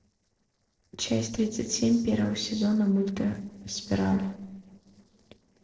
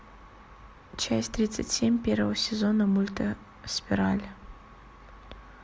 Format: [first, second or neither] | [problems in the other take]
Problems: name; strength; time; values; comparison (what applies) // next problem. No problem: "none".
second | noise reduction (neural separator model SepFormer DNS4)